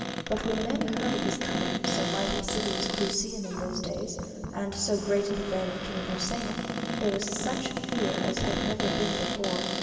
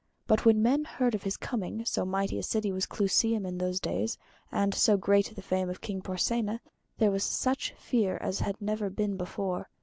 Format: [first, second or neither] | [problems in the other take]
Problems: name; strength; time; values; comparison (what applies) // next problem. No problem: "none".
second | background sound (Cupboard open or close); 1 dB below the speech // room echo; dies away in 2.6 s